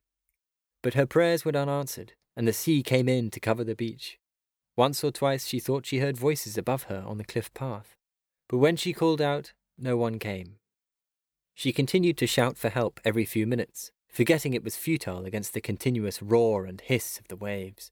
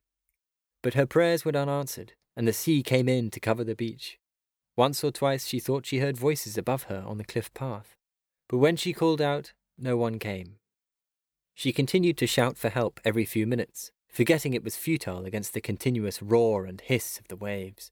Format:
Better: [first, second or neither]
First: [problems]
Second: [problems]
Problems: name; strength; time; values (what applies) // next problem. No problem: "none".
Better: neither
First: none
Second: none